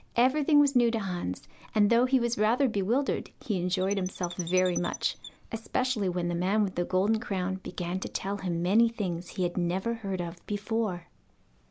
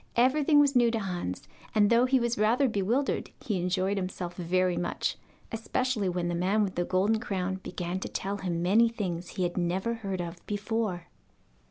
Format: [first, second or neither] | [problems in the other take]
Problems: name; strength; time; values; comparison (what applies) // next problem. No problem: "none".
second | background sound (Chirp, tweet); 13 dB below the speech